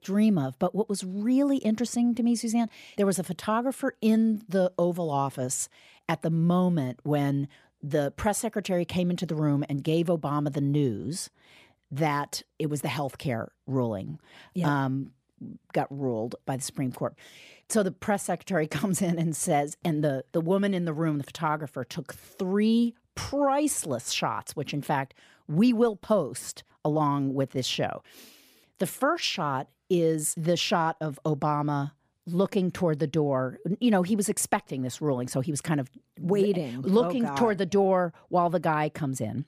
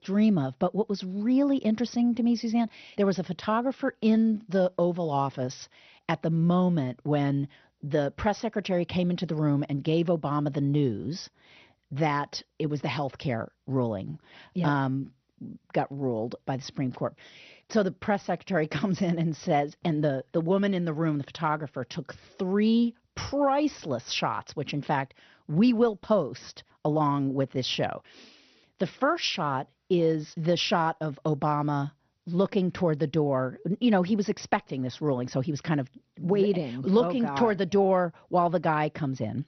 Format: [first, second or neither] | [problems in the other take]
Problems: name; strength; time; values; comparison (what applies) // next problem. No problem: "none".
first | garbled, watery; slightly; nothing above 6 kHz